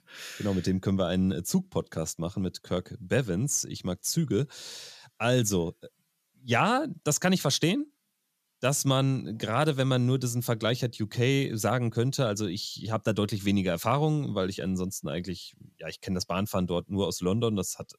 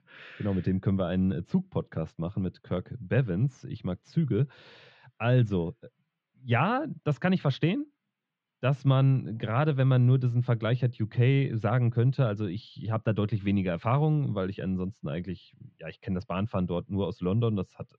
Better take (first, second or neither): first